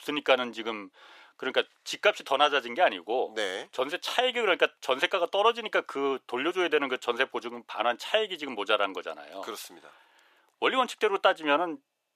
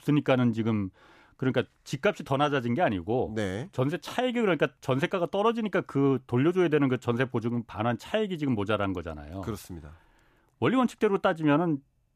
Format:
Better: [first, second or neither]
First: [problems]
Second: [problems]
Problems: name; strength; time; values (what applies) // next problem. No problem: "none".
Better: second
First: thin; very; fading below 450 Hz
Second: none